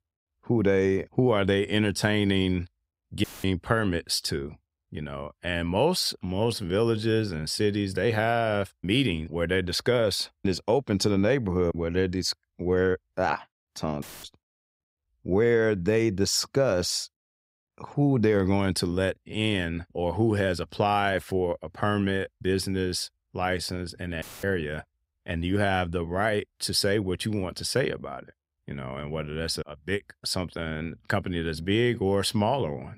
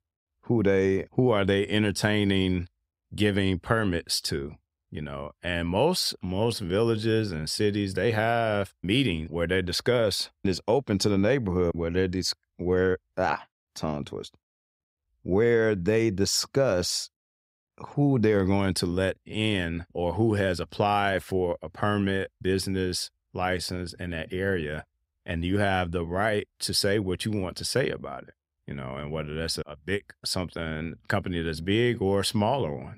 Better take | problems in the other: second | audio cutting out; filled with static; at 3 s, at 14 s and at 24 s

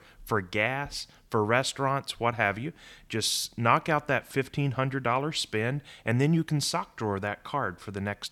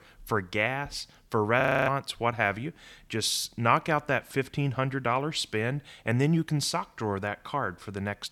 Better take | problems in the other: first | audio freezing; at 1.5 s

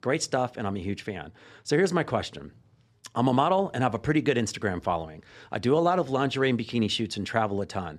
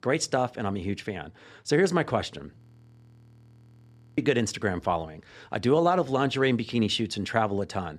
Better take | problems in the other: first | audio freezing; at 2.5 s for 1.5 s

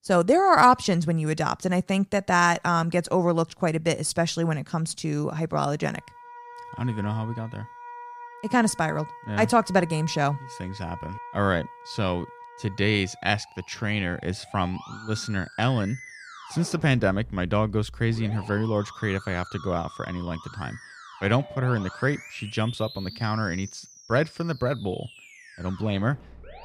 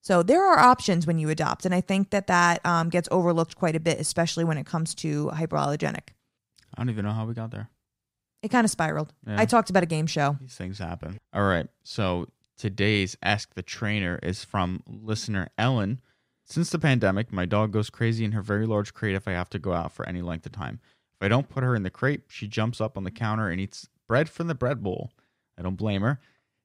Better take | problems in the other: second | background music; noticeable; from 6.5 s on; 15 dB below the speech

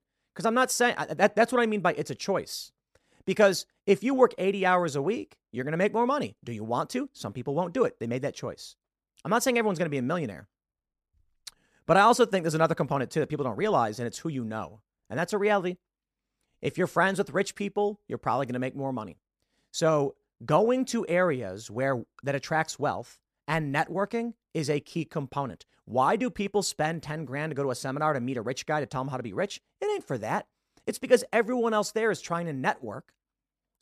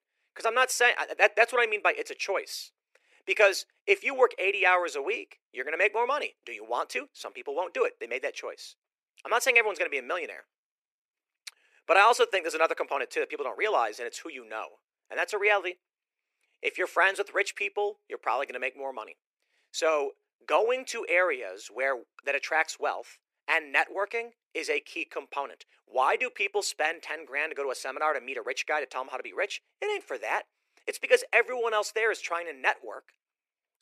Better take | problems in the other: first | thin; very; fading below 350 Hz

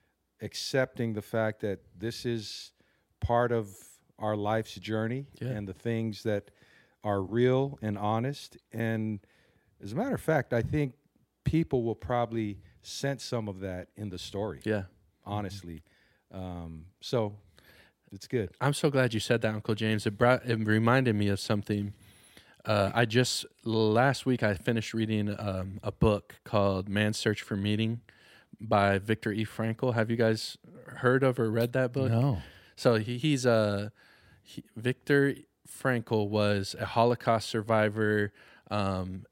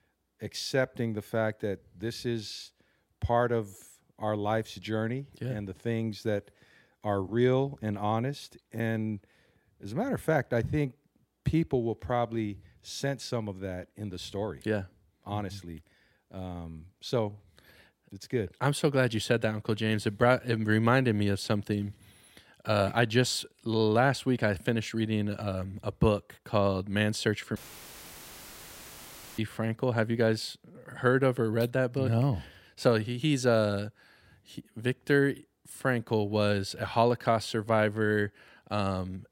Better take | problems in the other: first | audio cutting out; filled with static; at 28 s for 2 s

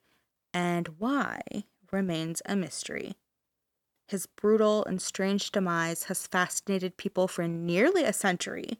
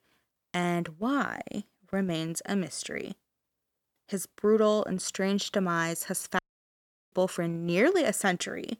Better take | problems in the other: first | audio cutting out; at 6.5 s for 0.5 s

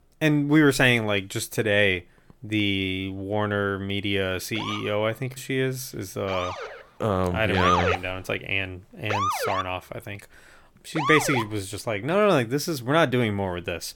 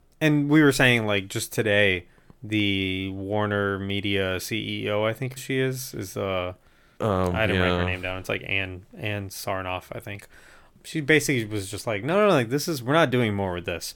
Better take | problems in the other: second | siren; loud; from 4.5 to 11 s; peak 2 dB above the speech

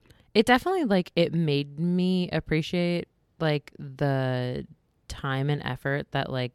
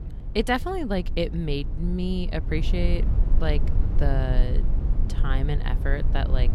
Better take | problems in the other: first | low rumble; noticeable; throughout; 10 dB below the speech

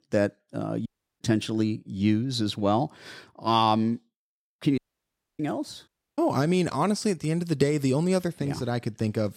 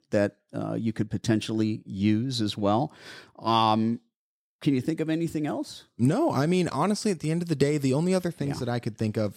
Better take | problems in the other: second | audio cutting out; at 1 s, at 5 s for 0.5 s and at 6 s

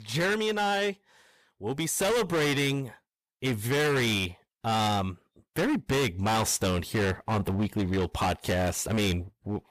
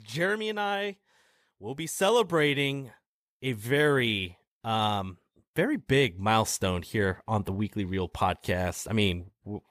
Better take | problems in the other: second | distortion; heavy; 20% of the sound clipped

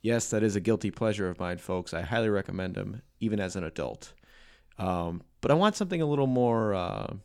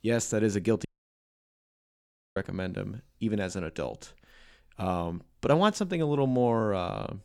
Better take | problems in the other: first | audio cutting out; at 1 s for 1.5 s

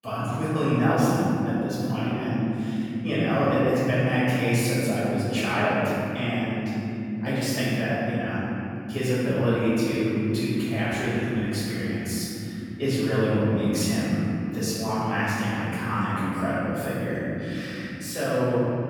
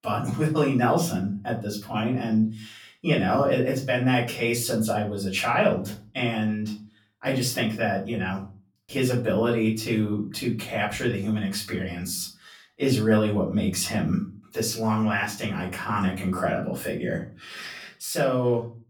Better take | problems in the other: second | room echo; strong; dies away in 3 s; slight in the second // off-mic speech; far; far in the second

